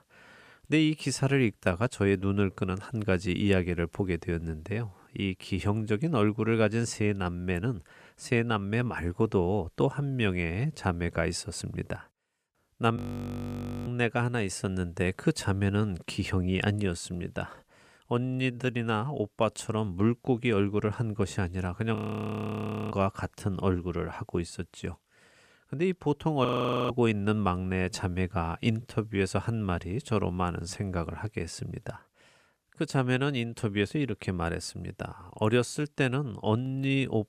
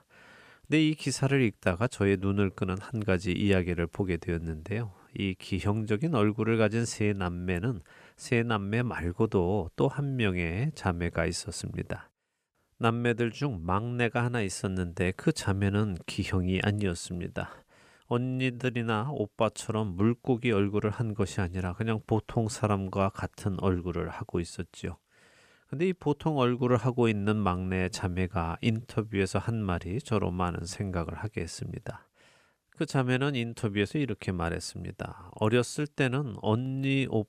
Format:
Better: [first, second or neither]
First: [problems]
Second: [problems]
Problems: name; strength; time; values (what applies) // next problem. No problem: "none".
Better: second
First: audio freezing; at 13 s for 1 s, at 22 s for 1 s and at 26 s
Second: none